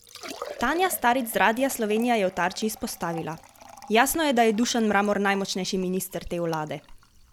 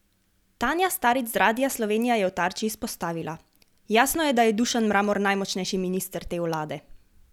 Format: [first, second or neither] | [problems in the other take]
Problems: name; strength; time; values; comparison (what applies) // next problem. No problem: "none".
second | background sound (Liquid); 19 dB below the speech